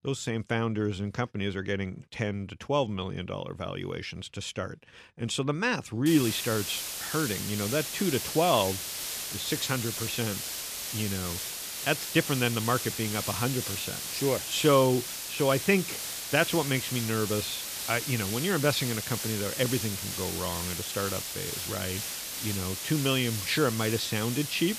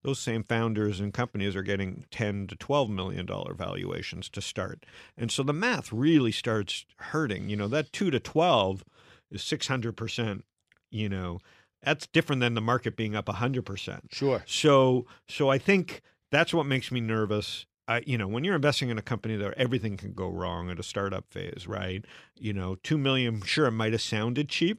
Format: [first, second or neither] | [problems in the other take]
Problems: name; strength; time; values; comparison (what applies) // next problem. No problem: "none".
second | hiss; loud; from 6 s on; 3 dB below the speech